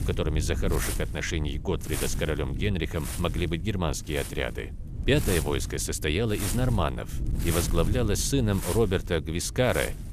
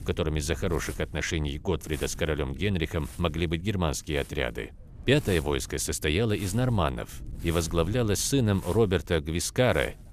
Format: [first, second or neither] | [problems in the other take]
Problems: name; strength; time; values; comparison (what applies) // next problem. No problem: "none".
second | wind noise on the microphone; heavy; 10 dB below the speech; occasional gusts in the second